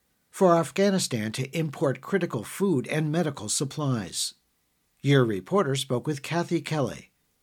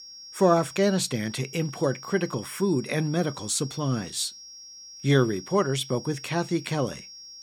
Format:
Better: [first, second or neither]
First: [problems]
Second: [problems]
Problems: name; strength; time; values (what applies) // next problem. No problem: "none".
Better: first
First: none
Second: high-pitched whine; noticeable; throughout; 5.5 kHz, 15 dB below the speech